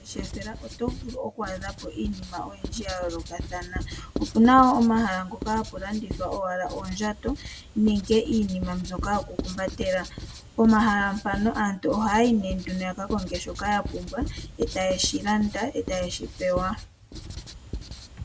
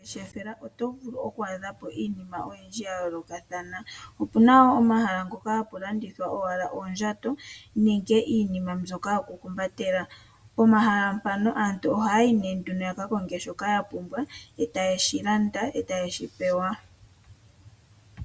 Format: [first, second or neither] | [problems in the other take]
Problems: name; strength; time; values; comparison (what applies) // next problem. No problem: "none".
second | background sound (Writing); 11 dB below the speech